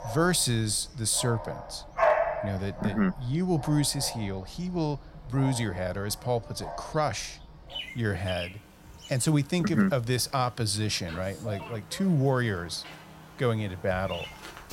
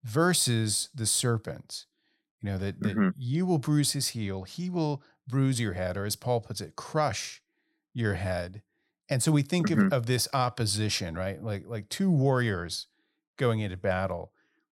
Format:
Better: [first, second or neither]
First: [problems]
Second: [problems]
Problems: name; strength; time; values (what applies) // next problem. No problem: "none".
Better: second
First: animal sounds; loud; throughout; 7 dB below the speech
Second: none